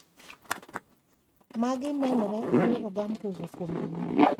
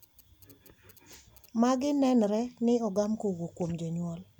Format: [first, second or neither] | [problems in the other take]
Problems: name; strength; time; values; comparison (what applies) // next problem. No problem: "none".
second | noise reduction (neural mask model RNNoise)